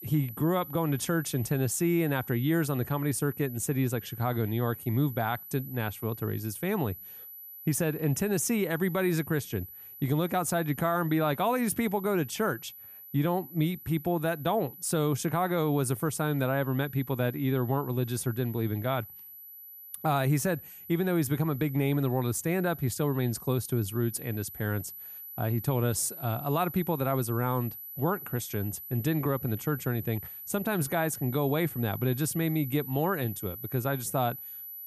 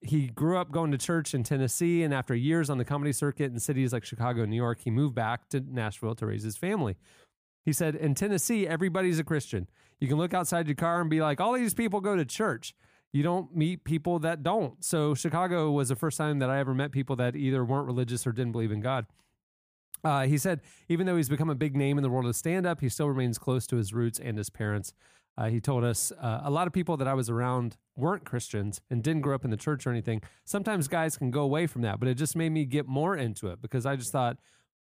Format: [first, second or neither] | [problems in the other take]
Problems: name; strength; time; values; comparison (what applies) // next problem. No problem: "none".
second | high-pitched whine; noticeable; throughout; 12 kHz, 10 dB below the speech